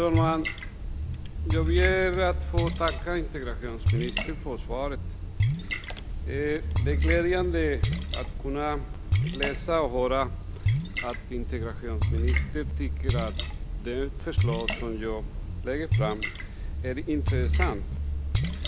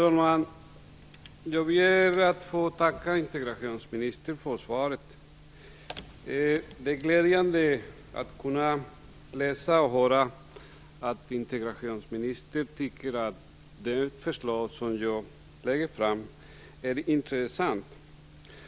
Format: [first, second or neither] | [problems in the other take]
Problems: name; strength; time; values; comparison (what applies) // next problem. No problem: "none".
second | background sound (Splash, splatter); 3 dB above the speech